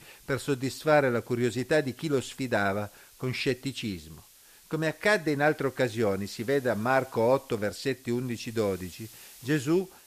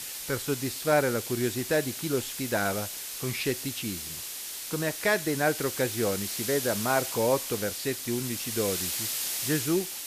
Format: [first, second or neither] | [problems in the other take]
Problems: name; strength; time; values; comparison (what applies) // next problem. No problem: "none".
first | hiss; loud; throughout; 3 dB below the speech; faint in the first